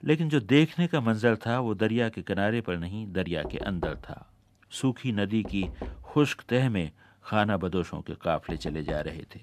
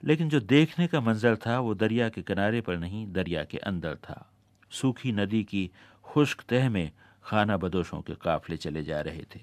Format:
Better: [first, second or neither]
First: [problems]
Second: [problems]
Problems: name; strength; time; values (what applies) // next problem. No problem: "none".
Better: second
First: door banging; noticeable; from 3.5 s on; peak 9 dB below the speech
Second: none